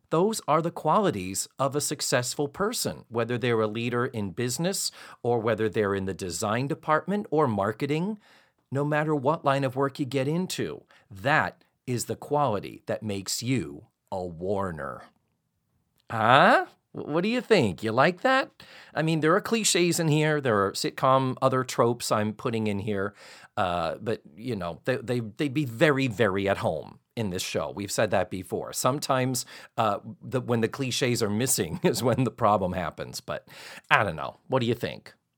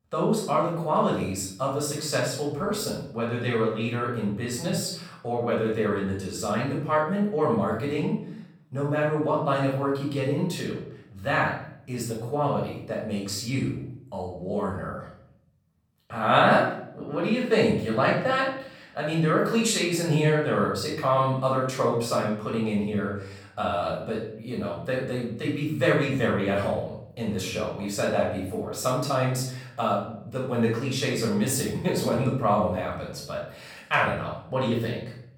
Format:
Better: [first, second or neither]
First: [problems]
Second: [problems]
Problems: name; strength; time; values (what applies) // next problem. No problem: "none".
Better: first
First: none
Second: room echo; noticeable; dies away in 0.6 s // off-mic speech; far